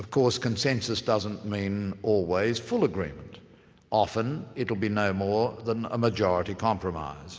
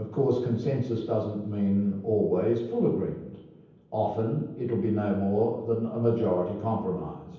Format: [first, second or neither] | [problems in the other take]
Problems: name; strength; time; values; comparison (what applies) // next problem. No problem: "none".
first | room echo; dies away in 0.9 s